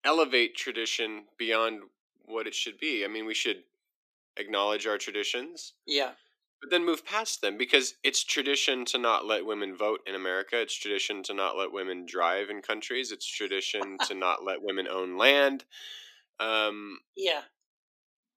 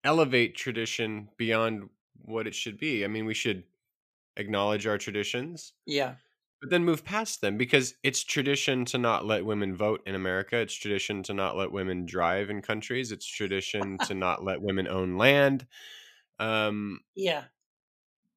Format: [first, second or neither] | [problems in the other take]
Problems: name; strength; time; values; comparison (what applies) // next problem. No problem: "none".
second | thin; somewhat; fading below 300 Hz